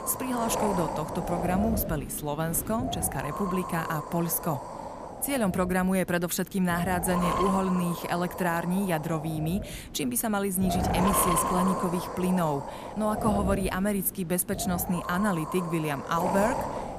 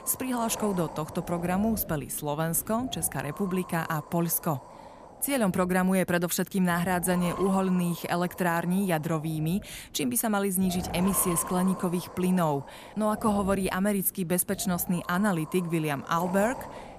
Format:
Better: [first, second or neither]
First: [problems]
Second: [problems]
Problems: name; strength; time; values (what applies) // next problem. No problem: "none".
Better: second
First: wind noise on the microphone; heavy; 1 dB below the speech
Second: wind noise on the microphone; occasional gusts; 10 dB below the speech